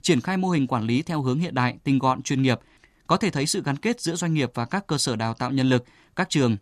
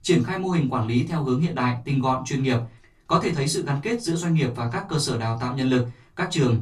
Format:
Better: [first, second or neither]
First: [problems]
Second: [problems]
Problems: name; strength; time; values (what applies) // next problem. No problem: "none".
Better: first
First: none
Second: off-mic speech; far // room echo; very slight; dies away in 0.2 s